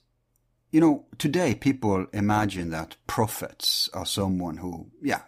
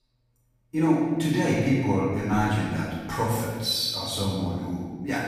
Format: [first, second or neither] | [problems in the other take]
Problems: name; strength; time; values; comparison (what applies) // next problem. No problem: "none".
first | off-mic speech; far // room echo; strong; dies away in 1.4 s